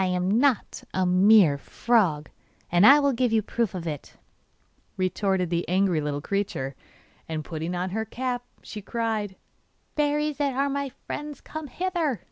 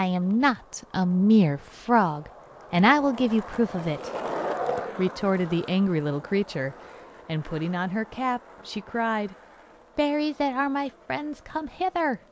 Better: first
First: none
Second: background sound (Skateboard); 13 dB below the speech

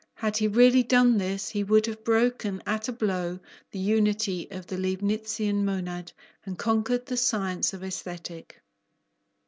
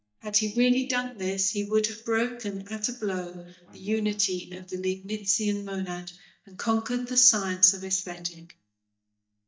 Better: first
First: none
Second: noise reduction (neural mask model DeepFilterNet 3)

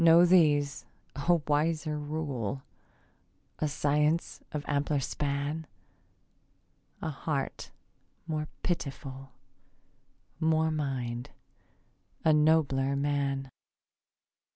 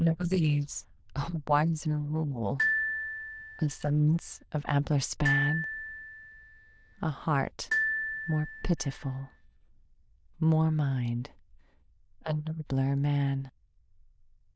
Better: first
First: none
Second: noise reduction (neural diffusion model UNIVERSE++)

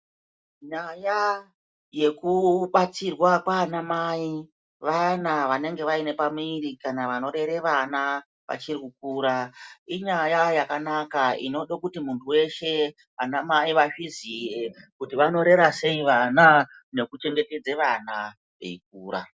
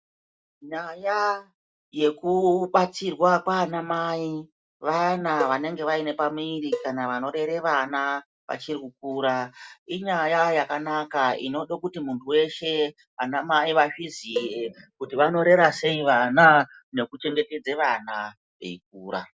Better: first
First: none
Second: background sound (Cowbell); 11 dB below the speech

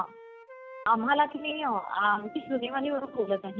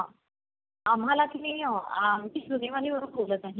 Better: second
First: background sound (Wind instrument, woodwind instrument); 18 dB below the speech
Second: none

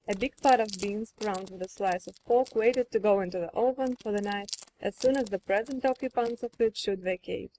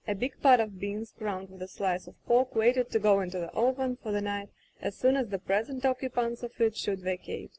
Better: second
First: noise reduction (neural mask model RNNoise)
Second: none

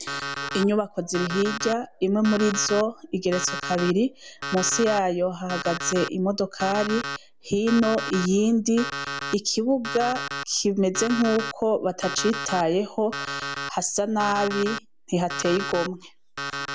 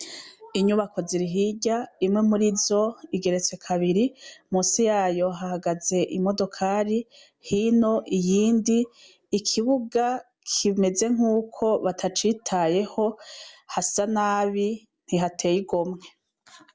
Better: second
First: background sound (Alarm); 9 dB below the speech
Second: none

